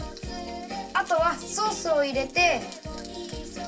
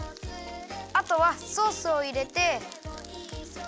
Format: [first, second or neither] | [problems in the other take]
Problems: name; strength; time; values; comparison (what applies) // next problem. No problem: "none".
second | room echo; dies away in 0.2 s